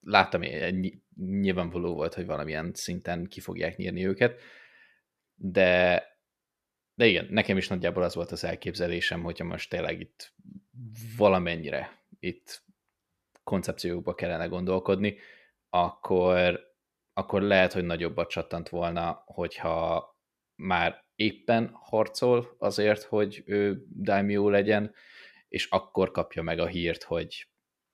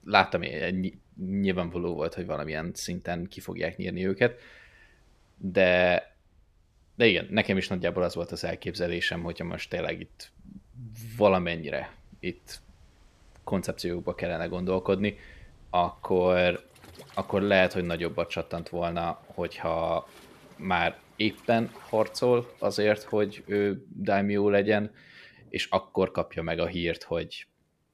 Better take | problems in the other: first | rain or running water; faint; throughout; 30 dB below the speech

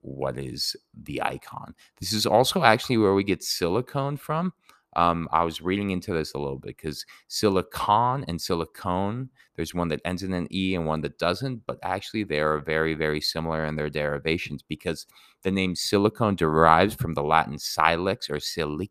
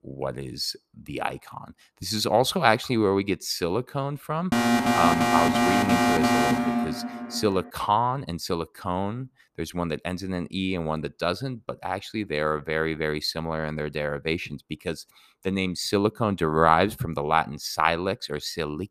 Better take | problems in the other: first | alarm; loud; from 4.5 to 7.5 s; peak 6 dB above the speech

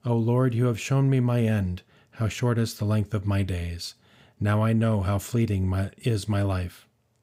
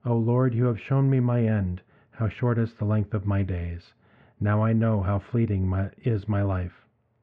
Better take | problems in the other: first | muffled; very; fading above 2 kHz

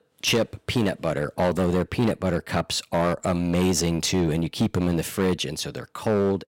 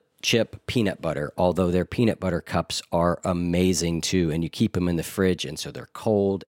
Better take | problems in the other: second | distortion; slight; 9% of the sound clipped

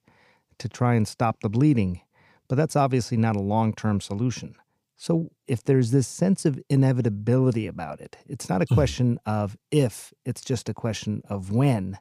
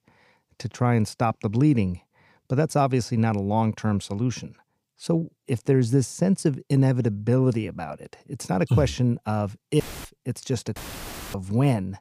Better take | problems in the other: first | audio cutting out; filled with static; at 10 s and at 11 s for 0.5 s

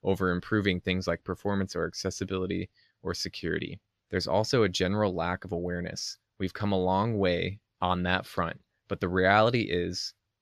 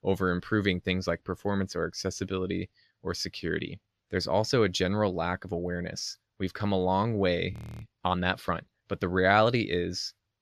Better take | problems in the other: first | audio freezing; at 7.5 s

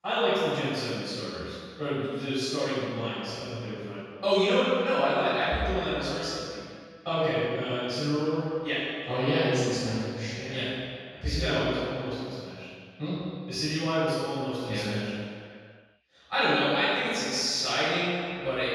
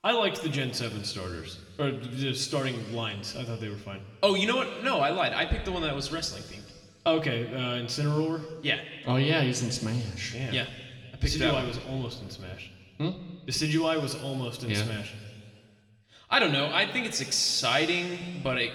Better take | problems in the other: second | room echo; strong; dies away in 2.1 s; slight in the second // off-mic speech; far; somewhat distant in the second

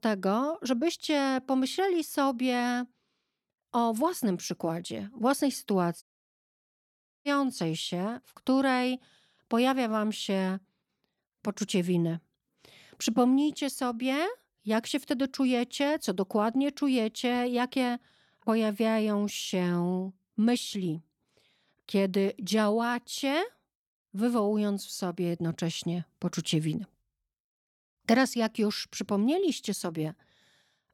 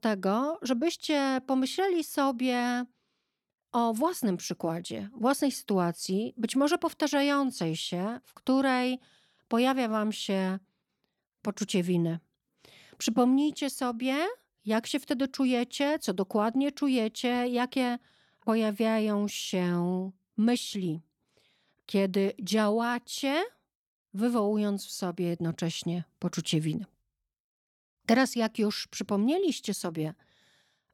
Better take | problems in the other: second | audio cutting out; at 6 s for 1 s

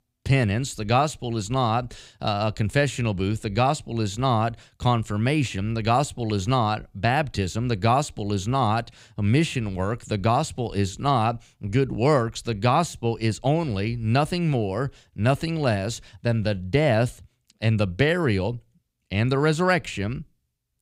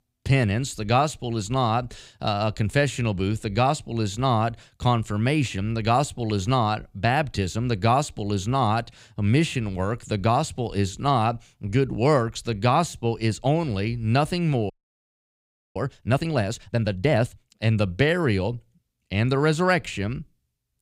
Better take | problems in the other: first | audio freezing; at 15 s for 1 s

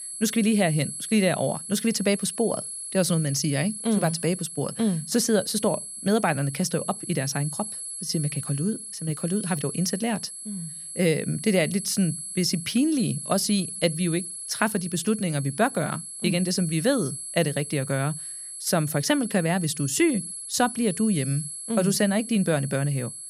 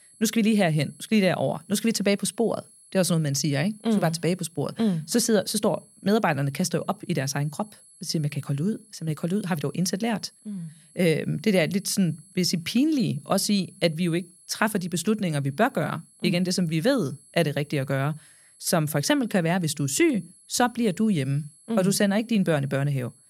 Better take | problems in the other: second | high-pitched whine; loud; throughout; 11 kHz, 8 dB below the speech; faint in the second

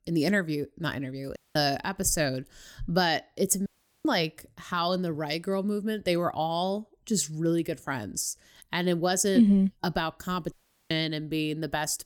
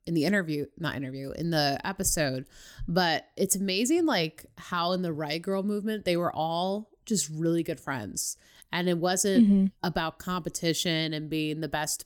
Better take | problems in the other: second | audio cutting out; at 1.5 s, at 3.5 s and at 11 s

